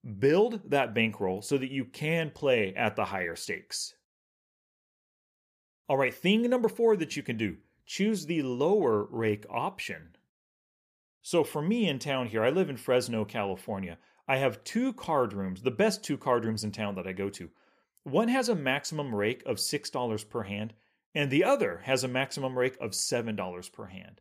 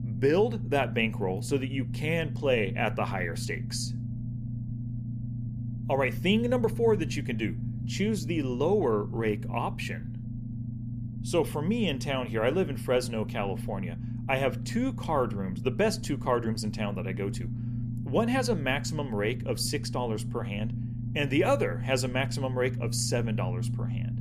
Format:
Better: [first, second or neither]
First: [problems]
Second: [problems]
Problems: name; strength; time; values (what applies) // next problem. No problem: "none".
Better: first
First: none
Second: low rumble; noticeable; throughout; 15 dB below the speech